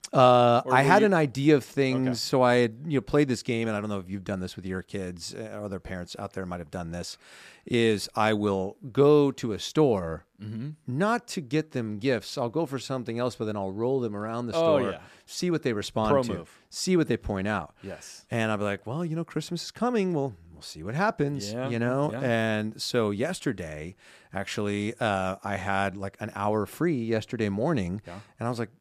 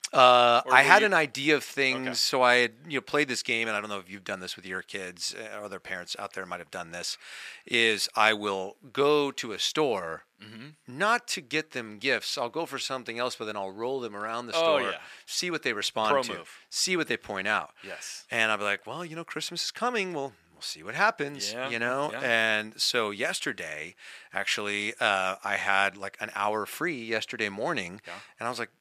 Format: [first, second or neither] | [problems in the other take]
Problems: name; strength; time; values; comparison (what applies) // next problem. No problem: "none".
first | thin; somewhat; fading below 1 kHz